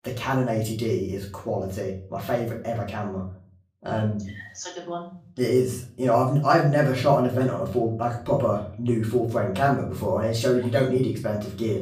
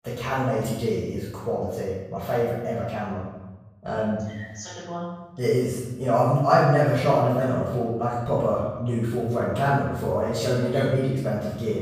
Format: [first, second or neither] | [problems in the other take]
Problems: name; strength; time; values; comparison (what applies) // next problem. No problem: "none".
first | room echo; strong; dies away in 0.9 s; slight in the first // off-mic speech; far; far in the first